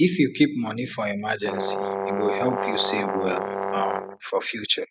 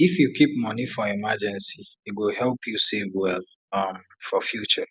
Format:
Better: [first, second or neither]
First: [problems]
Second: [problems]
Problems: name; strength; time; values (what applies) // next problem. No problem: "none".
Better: second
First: background sound (Brass instrument); 2 dB below the speech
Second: none